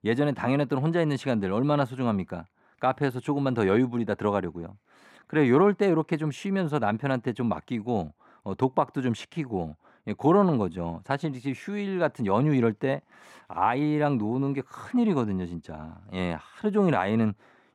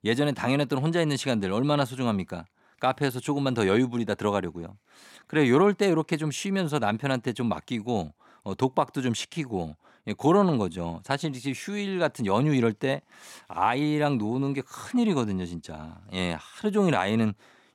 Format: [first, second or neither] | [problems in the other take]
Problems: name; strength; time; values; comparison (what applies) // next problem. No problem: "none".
second | muffled; slightly; fading above 3 kHz